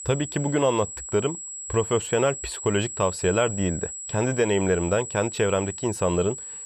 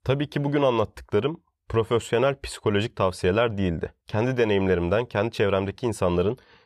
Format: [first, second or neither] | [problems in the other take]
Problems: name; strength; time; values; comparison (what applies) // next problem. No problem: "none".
second | high-pitched whine; loud; throughout; 7.5 kHz, 8 dB below the speech